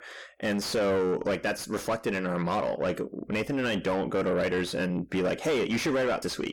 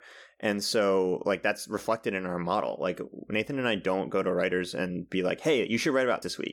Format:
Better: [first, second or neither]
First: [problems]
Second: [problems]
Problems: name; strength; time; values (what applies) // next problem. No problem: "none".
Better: second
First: distortion; heavy; 7 dB below the speech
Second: none